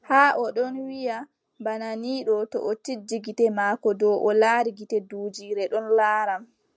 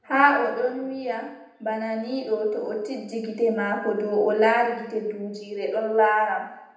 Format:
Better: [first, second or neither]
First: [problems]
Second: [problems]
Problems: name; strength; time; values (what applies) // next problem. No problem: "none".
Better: first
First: none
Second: room echo; dies away in 0.8 s